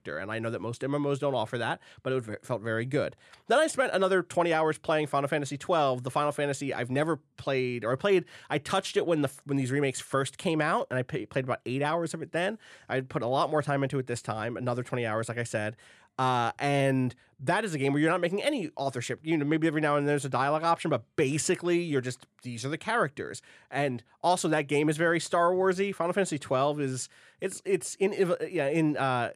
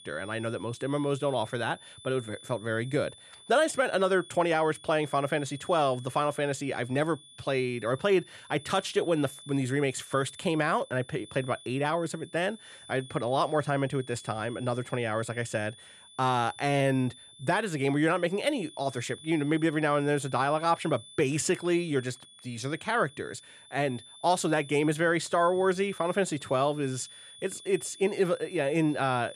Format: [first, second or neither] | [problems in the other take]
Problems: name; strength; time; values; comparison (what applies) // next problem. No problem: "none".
first | high-pitched whine; noticeable; throughout; 3.5 kHz, 20 dB below the speech